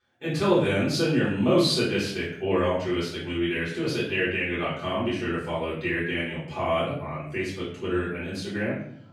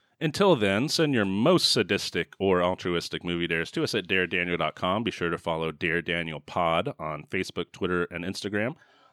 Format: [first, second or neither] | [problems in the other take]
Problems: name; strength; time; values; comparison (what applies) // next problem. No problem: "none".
second | off-mic speech; far // room echo; noticeable; dies away in 0.6 s